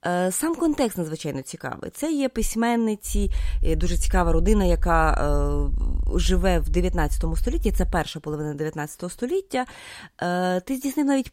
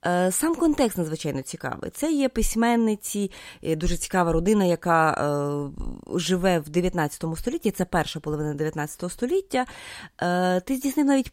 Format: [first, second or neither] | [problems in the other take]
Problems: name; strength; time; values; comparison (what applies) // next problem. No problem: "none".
second | low rumble; faint; from 3 to 8 s; 25 dB below the speech